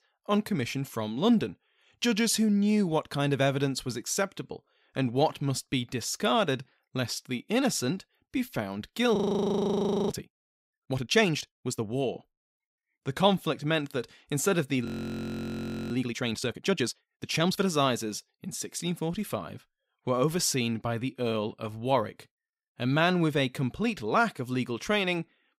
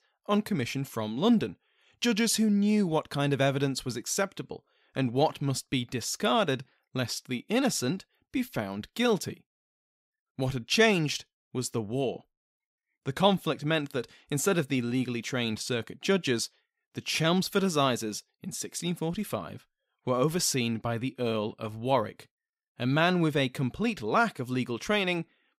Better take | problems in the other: second | audio freezing; at 9 s for 1 s and at 15 s for 1 s

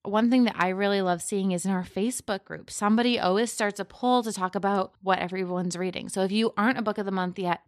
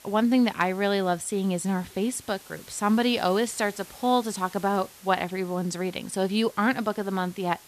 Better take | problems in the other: first | hiss; faint; throughout; 20 dB below the speech

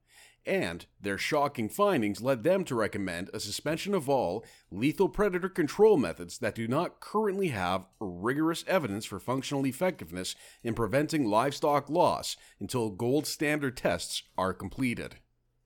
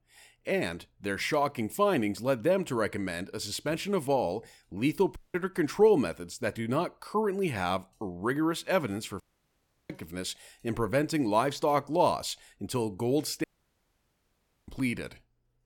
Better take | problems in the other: first | audio cutting out; at 5 s, at 9 s for 0.5 s and at 13 s for 1 s

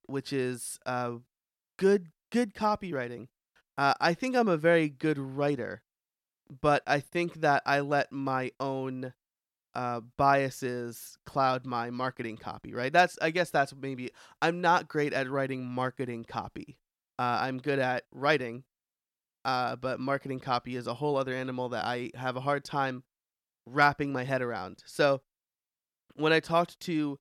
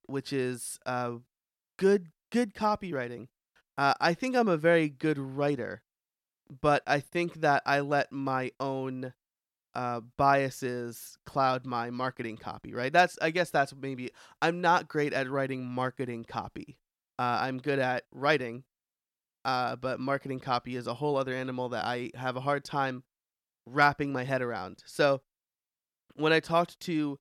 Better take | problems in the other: neither | none

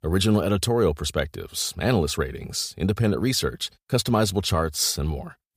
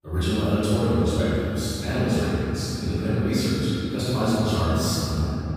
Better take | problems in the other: first | off-mic speech; far // room echo; strong; dies away in 3 s

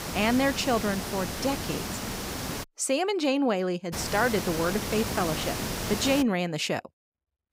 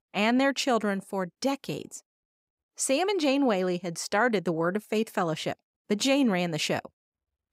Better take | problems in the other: second | hiss; loud; until 2.5 s and from 4 to 6 s; 5 dB below the speech

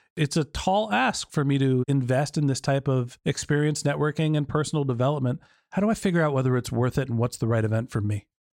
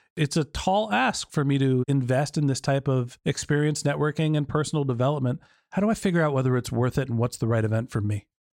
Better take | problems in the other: neither | none

